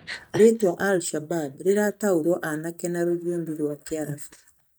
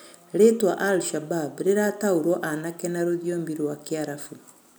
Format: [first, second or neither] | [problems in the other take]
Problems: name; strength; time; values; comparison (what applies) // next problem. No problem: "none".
second | noise reduction (neural mask model DeepFilterNet 3)